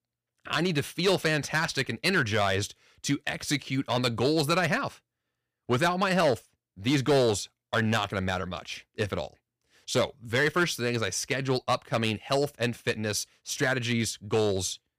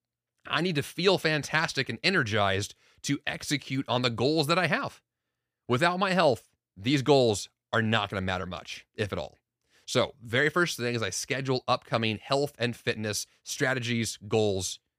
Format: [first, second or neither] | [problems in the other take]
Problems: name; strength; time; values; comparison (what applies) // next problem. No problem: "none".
second | distortion; slight; 3% of the sound clipped